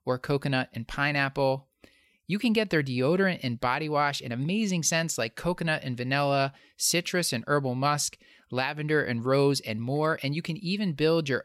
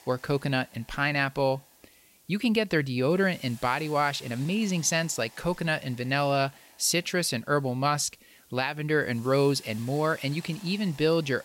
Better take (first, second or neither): first